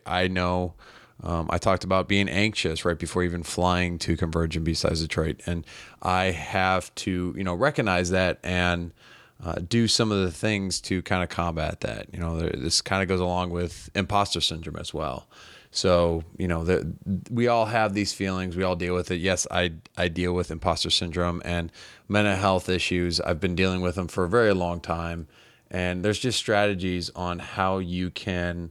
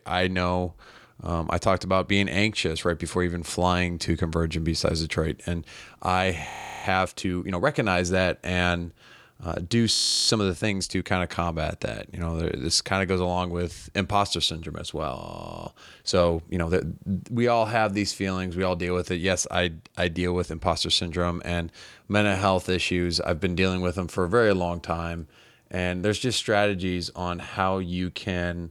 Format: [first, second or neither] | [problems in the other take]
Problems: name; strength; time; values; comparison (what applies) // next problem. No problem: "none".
first | audio freezing; at 6.5 s, at 10 s and at 15 s